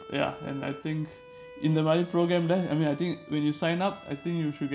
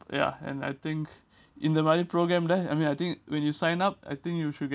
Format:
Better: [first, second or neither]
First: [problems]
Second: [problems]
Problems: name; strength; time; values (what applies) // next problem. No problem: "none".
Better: second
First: background sound (Bowed string instrument); 19 dB below the speech // room echo; dies away in 1.6 s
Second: none